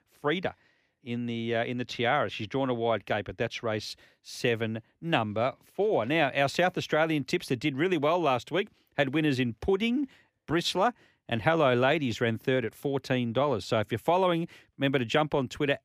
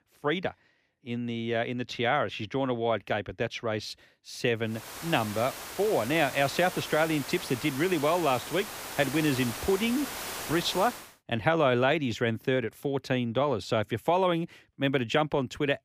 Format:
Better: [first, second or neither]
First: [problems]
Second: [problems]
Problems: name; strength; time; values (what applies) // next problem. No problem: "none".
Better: first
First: none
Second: hiss; loud; from 5 to 11 s; 9 dB below the speech